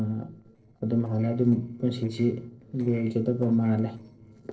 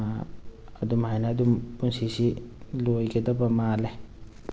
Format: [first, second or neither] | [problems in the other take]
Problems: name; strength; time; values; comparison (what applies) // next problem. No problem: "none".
second | noise reduction (neural separator model SepFormer DNS4)